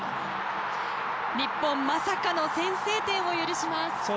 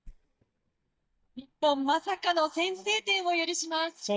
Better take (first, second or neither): first